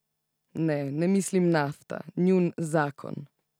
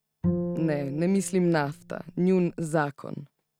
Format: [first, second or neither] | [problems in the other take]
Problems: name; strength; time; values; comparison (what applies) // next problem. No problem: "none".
first | background sound (Bowed string instrument); 6 dB below the speech